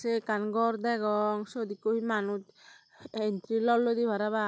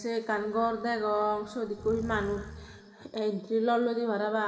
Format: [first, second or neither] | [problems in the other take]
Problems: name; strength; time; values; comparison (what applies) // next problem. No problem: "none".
first | background sound (Breathing); 16 dB below the speech // room echo; dies away in 2.1 s